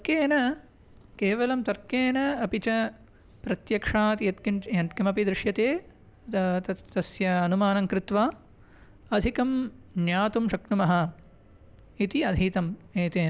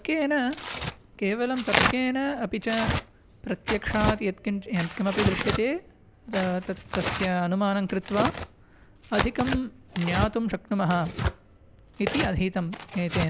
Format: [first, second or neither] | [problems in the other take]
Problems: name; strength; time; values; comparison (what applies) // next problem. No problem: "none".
first | background sound (Tearing); 4 dB below the speech